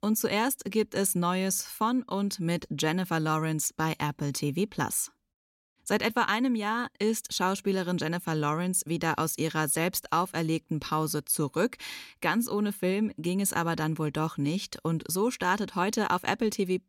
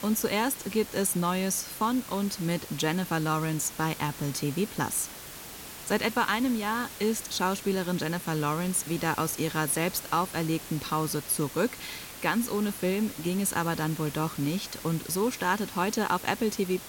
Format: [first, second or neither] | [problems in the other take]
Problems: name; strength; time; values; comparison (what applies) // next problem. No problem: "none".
first | hiss; noticeable; throughout; 10 dB below the speech